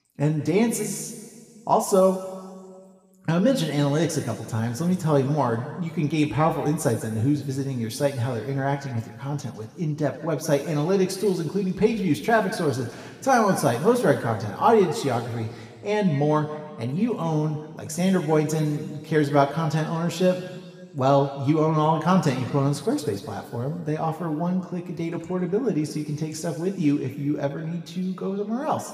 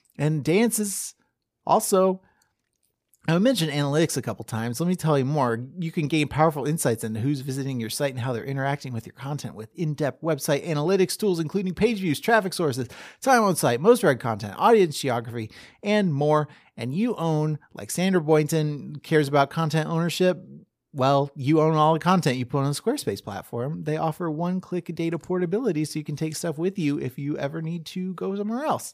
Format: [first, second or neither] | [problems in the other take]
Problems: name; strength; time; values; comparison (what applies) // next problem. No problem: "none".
second | room echo; noticeable; dies away in 1.7 s // off-mic speech; somewhat distant